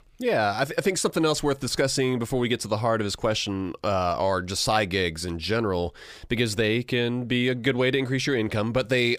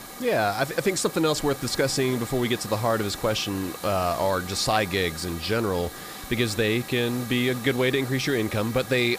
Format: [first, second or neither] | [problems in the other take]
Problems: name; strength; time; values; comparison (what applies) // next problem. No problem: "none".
first | hiss; noticeable; throughout; 10 dB below the speech